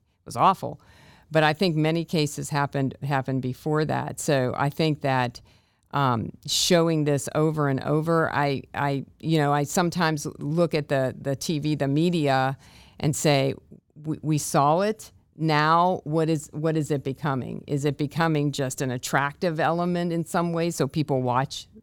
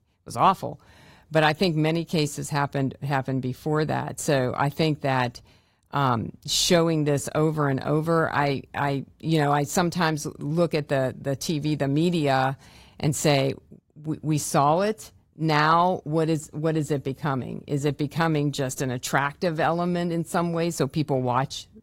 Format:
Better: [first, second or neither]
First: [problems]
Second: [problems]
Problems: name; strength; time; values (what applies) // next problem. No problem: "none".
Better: first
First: none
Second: garbled, watery; slightly; nothing above 15.5 kHz